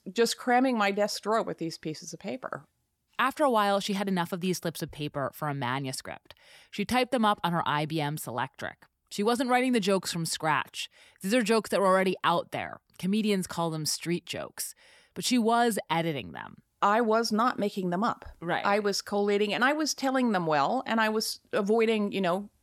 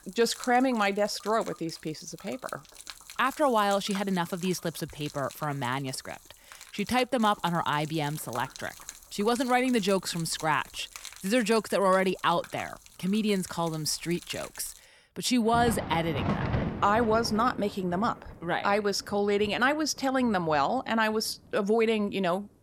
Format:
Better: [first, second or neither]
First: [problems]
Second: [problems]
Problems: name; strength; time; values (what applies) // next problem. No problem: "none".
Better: first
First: none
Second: rain or running water; noticeable; throughout; 15 dB below the speech